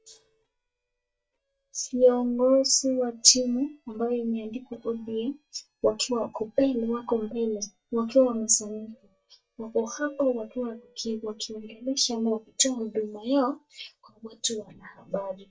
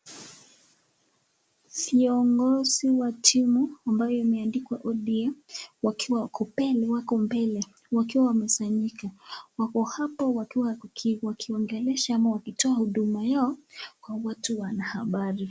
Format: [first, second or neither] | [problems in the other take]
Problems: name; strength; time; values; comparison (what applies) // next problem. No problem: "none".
second | noise reduction (neural mask model DeepFilterNet 3)